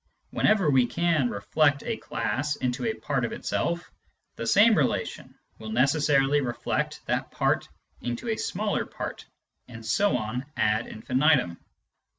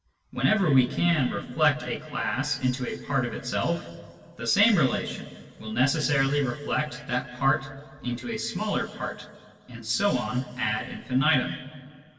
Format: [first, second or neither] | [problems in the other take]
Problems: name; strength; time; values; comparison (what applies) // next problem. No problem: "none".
first | room echo; dies away in 2.3 s